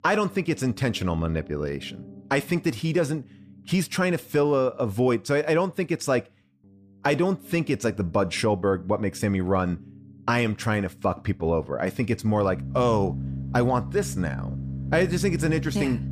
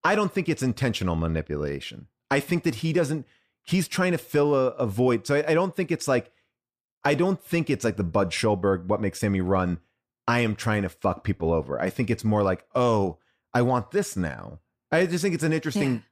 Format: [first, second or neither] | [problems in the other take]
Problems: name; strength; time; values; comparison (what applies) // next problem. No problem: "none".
second | background music; noticeable; throughout; 10 dB below the speech